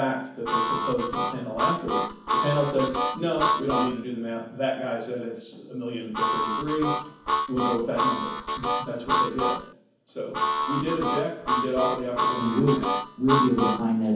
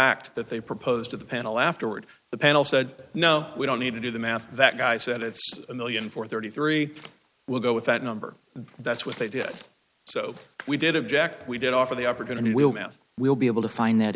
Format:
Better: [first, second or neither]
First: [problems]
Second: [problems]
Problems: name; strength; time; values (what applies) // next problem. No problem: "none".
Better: second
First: background sound (Harmonica); 1 dB above the speech // room echo; dies away in 0.7 s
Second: none